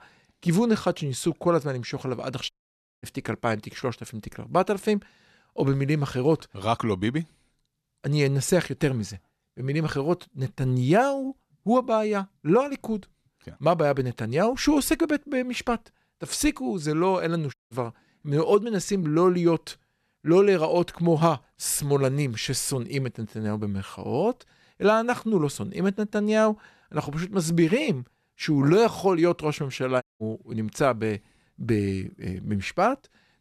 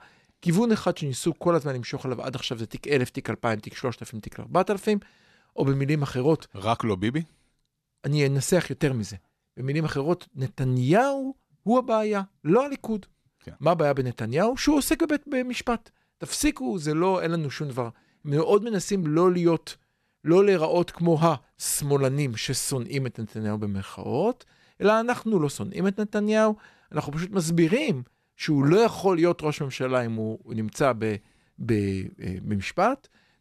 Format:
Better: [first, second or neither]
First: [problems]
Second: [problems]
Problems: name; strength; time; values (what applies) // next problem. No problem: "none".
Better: second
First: audio cutting out; at 2.5 s for 0.5 s, at 18 s and at 30 s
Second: none